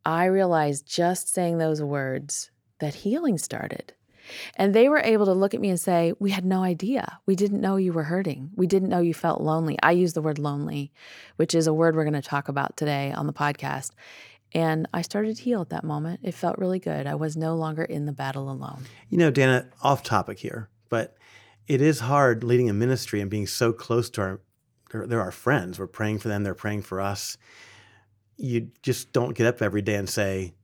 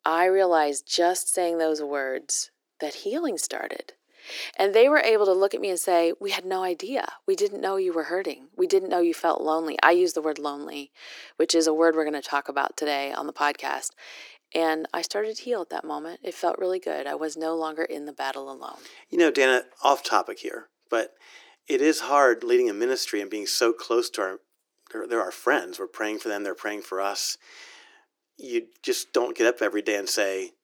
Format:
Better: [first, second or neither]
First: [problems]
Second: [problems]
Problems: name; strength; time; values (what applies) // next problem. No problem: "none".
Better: first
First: none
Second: thin; very; fading below 300 Hz